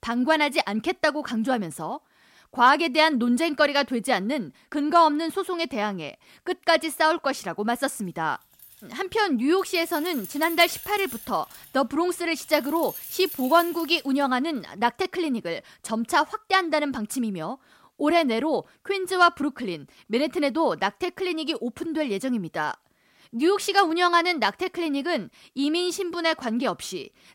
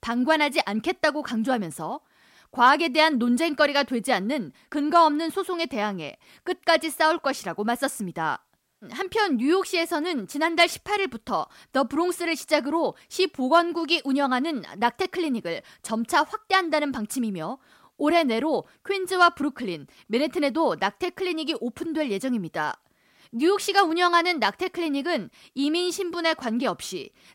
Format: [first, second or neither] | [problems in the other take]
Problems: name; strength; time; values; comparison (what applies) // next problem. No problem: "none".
second | jangling keys; noticeable; from 8.5 to 14 s; peak 10 dB below the speech